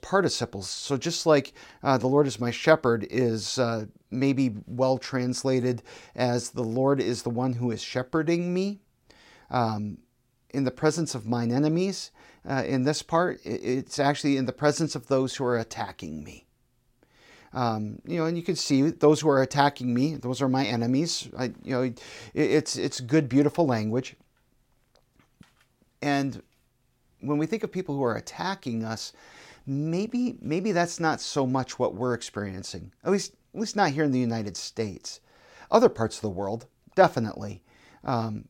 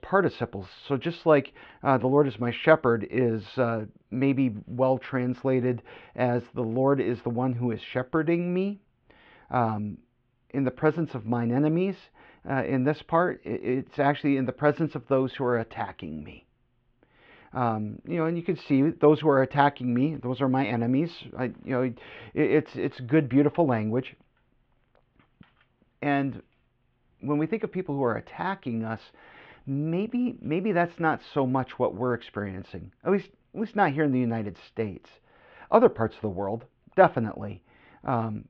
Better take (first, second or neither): first